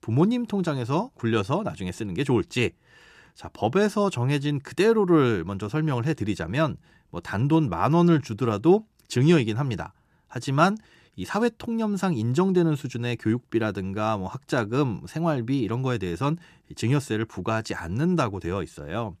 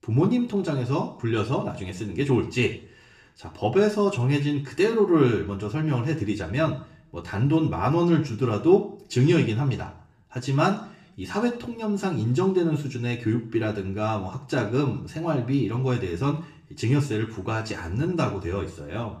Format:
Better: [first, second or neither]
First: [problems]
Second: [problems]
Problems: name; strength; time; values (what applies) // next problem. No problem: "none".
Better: first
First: none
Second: room echo; slight; dies away in 0.5 s // off-mic speech; somewhat distant